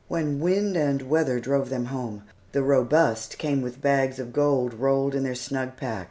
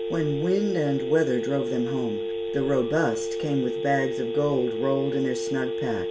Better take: first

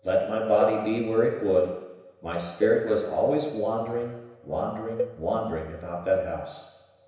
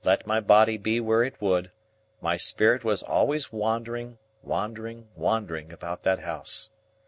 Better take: second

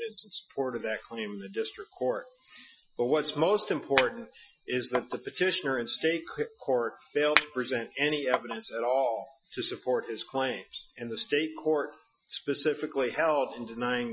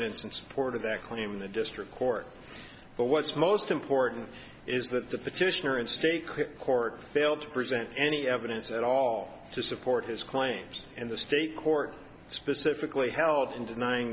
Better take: second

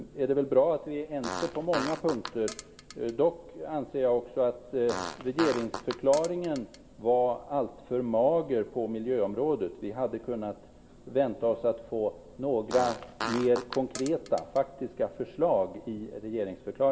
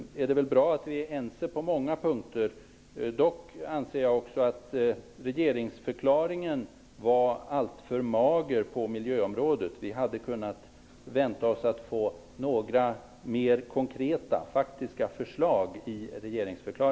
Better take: second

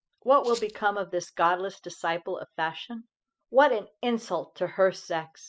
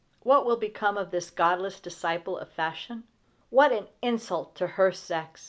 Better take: second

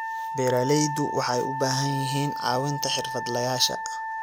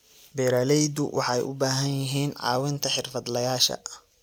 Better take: second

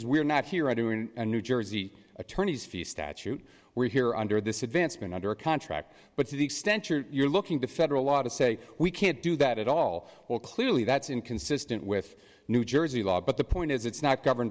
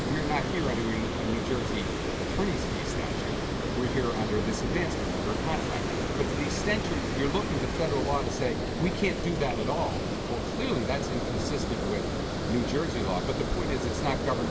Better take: first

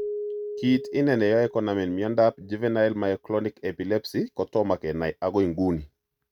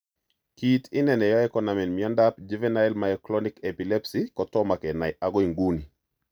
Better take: second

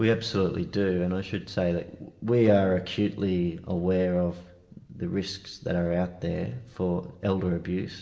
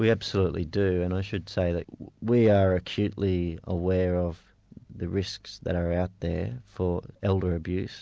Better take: second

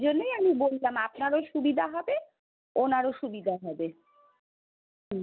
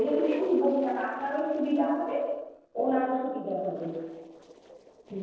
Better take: first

